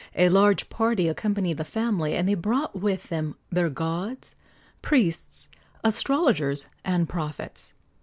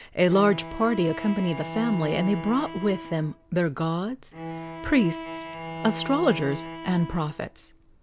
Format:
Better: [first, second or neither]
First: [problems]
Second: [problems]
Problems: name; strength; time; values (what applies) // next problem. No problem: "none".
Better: first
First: none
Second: background sound (Bowed string instrument); 11 dB below the speech